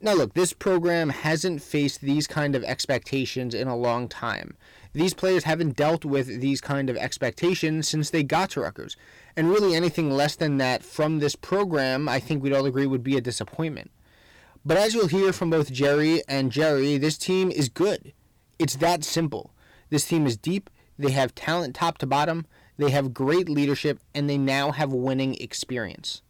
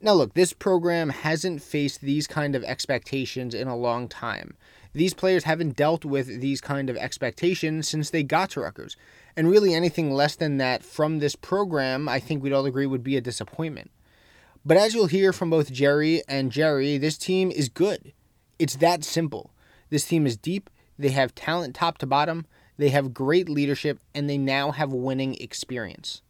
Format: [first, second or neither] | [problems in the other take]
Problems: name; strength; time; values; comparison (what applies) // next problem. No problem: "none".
second | distortion; slight; 8% of the sound clipped